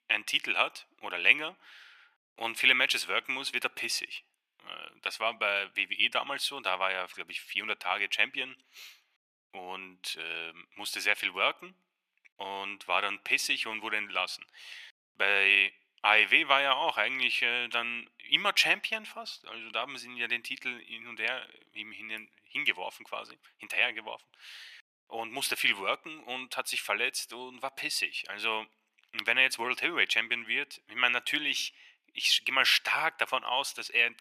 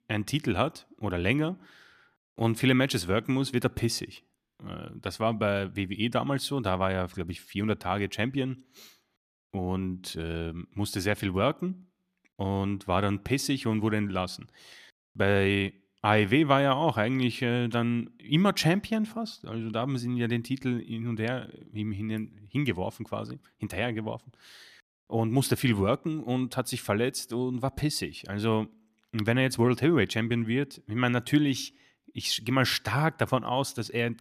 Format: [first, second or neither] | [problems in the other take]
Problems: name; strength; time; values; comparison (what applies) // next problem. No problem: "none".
second | thin; very; fading below 750 Hz